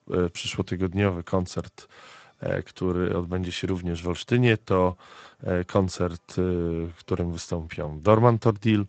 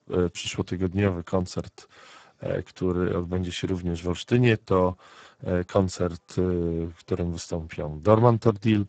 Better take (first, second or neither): first